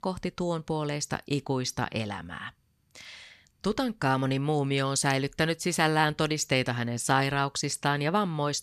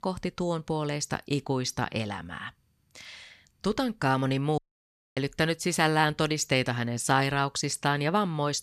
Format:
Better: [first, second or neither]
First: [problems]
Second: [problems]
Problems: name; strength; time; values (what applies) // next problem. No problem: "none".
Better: first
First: none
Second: audio cutting out; at 4.5 s for 0.5 s